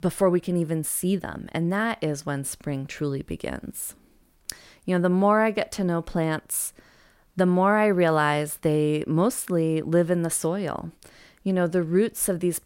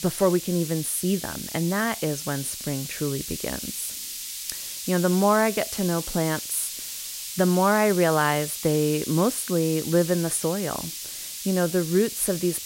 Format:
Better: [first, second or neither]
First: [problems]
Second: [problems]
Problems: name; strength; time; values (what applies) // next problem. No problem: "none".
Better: first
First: none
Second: hiss; loud; throughout; 7 dB below the speech